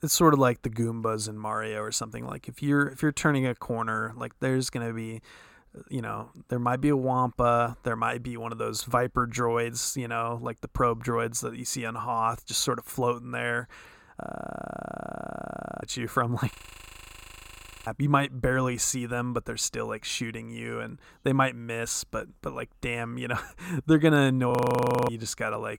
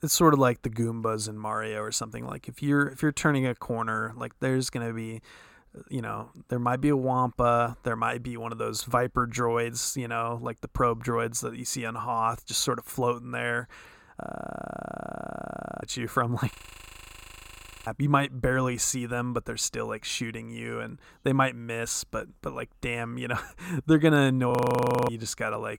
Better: neither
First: audio freezing; at 14 s for 1.5 s, at 17 s for 1.5 s and at 25 s for 0.5 s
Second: audio freezing; at 14 s for 1.5 s, at 17 s for 1.5 s and at 25 s for 0.5 s

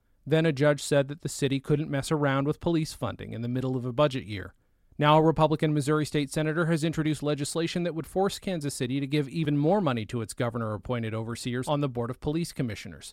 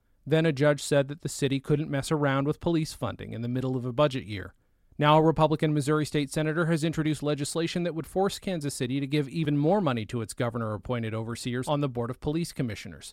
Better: neither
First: none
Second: none

